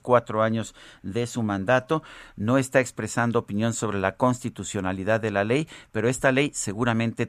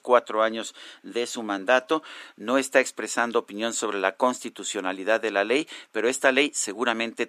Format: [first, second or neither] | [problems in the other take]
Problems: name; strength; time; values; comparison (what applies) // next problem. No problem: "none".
first | thin; somewhat; fading below 300 Hz